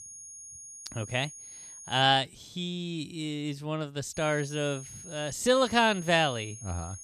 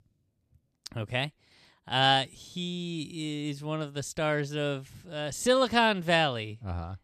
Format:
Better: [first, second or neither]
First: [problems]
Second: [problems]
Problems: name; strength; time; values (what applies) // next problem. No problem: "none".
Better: second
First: high-pitched whine; noticeable; until 2 s and from 4 s on; 6.5 kHz, 15 dB below the speech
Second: none